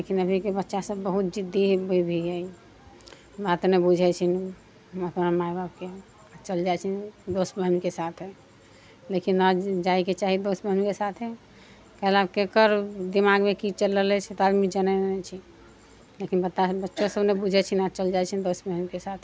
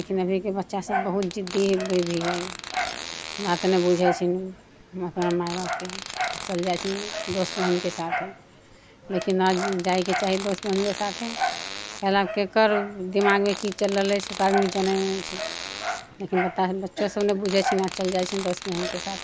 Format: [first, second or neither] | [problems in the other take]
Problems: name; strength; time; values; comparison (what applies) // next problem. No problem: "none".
first | background sound (Dog + Fart); 7 dB below the speech